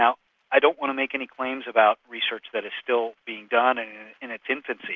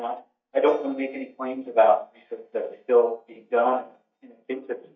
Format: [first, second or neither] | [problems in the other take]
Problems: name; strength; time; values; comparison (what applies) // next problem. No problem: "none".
first | noise reduction (neural mask model DeepFilterNet 3)